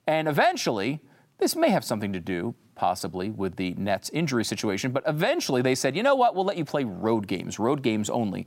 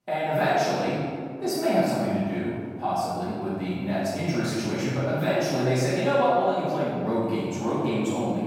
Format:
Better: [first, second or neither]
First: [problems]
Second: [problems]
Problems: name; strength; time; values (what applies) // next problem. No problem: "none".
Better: first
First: none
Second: off-mic speech; far // room echo; strong; dies away in 1.8 s